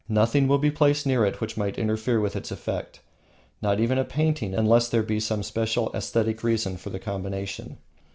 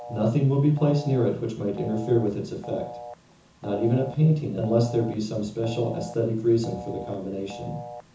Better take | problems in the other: first | background sound (Telephone); 16 dB below the speech // room echo; dies away in 0.6 s

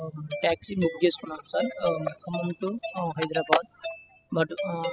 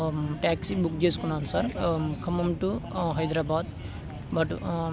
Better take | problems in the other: second | noise reduction (classical method spectral subtraction)

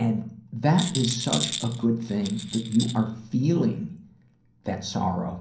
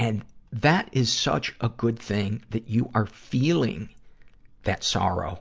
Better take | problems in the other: second | background sound (Rattle); 8 dB below the speech // room echo; dies away in 0.6 s

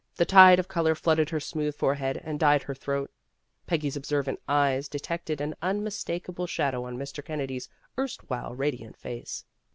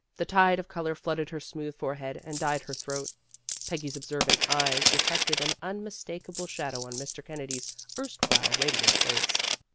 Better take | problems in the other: first | background sound (Coin (dropping)); 4 dB above the speech

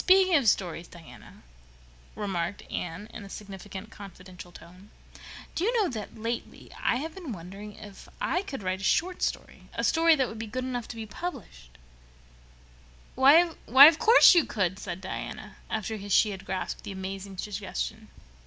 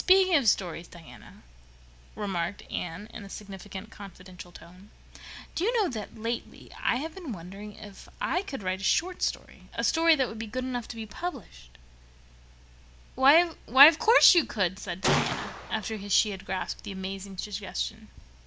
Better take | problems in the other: first | background sound (Gunshot, gunfire); 4 dB below the speech

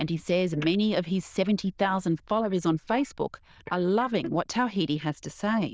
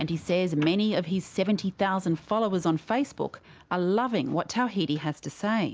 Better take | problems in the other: second | noise reduction (neural diffusion model UNIVERSE++)

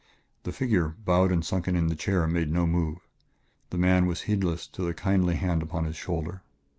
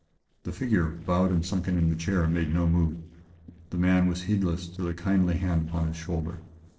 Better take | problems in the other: first | noise reduction (neural separator model SepFormer DNS4)

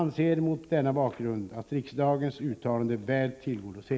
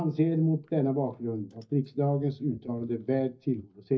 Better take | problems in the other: first | noise reduction (neural mask model DeepFilterNet 3)

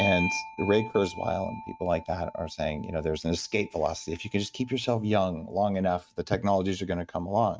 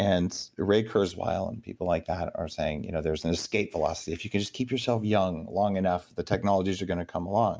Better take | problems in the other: second | noise reduction (neural mask model RNNoise)

